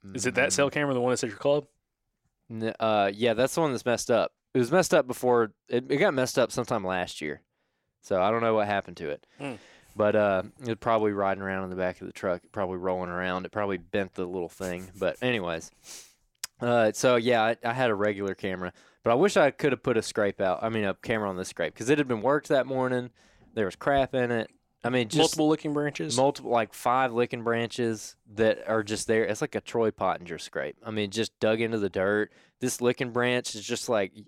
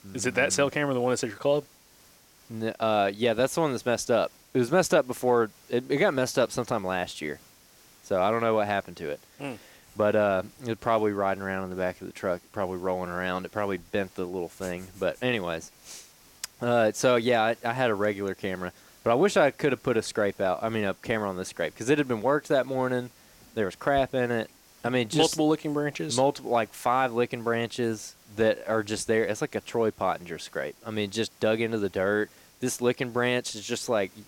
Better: first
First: none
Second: hiss; faint; throughout; 25 dB below the speech

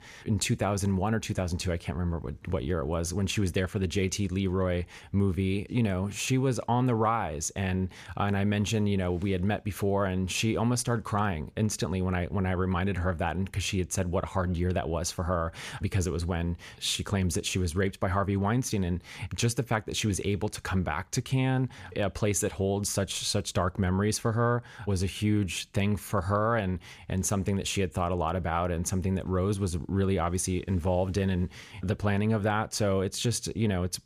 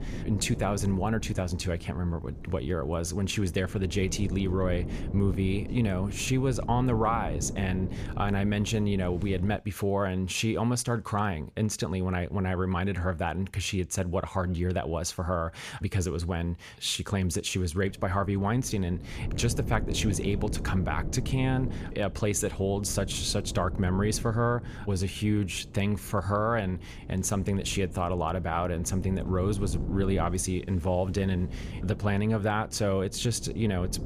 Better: first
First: none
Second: wind noise on the microphone; occasional gusts; until 9.5 s and from 18 s on; 15 dB below the speech

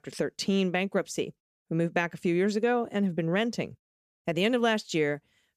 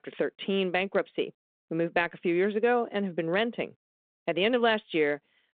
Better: first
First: none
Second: phone-call audio

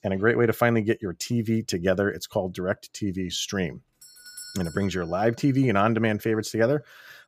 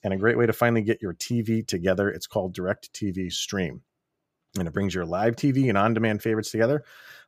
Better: second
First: doorbell; faint; from 4 to 5 s; peak 15 dB below the speech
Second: none

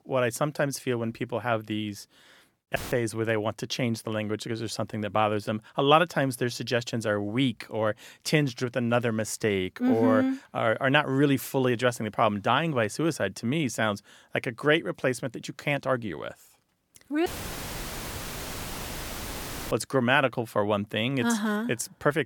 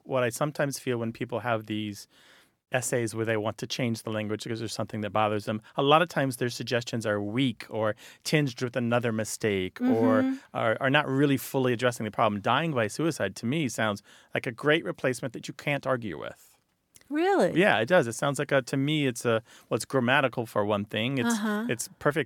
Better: second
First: audio cutting out; filled with static; at 3 s and at 17 s for 2.5 s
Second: none

